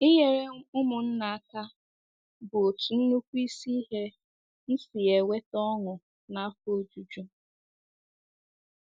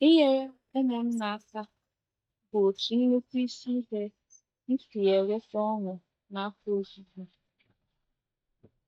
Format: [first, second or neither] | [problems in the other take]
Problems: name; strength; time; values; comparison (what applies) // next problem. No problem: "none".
first | noise reduction (neural mask model DeepFilterNet 3)